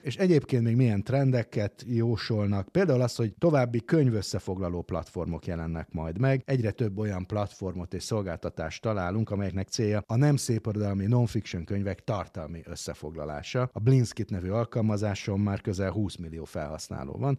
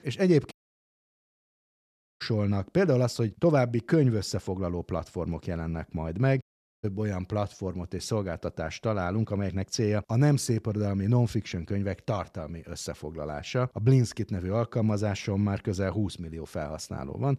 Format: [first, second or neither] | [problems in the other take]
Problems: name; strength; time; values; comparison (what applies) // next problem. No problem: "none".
first | audio cutting out; at 0.5 s for 1.5 s and at 6.5 s